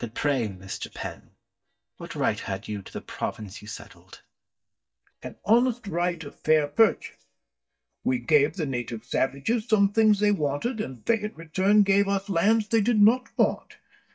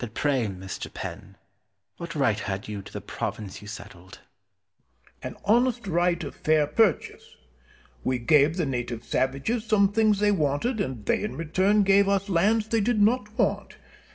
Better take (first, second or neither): second